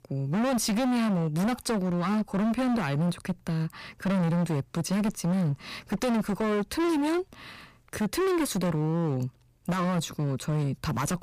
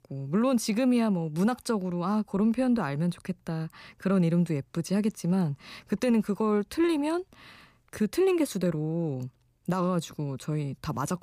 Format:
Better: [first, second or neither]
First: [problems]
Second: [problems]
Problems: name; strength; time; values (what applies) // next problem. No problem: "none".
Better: second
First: distortion; heavy; 27% of the sound clipped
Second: none